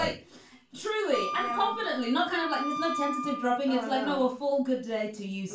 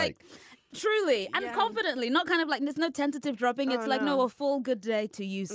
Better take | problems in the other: second | background sound (Wind instrument, woodwind instrument); 6 dB below the speech // room echo; dies away in 0.3 s

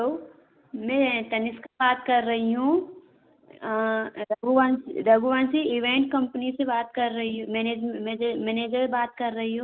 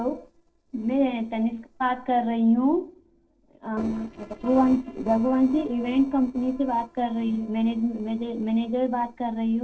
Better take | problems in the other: first | noise reduction (neural separator model SepFormer DNS4)

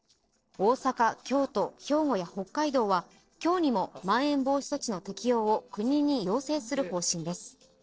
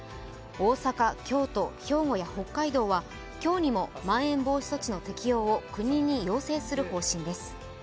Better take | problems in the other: second | noise reduction (neural separator model SepFormer DNS4)

